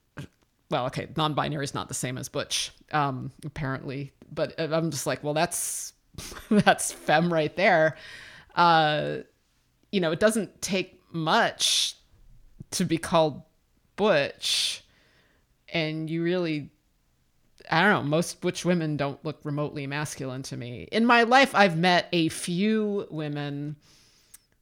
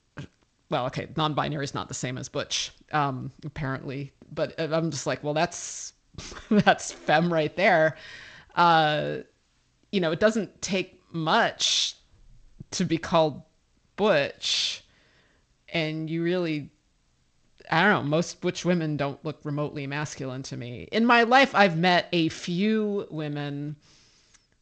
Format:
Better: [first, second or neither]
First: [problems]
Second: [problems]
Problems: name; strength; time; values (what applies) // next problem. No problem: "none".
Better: first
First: none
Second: garbled, watery; slightly; nothing above 7.5 kHz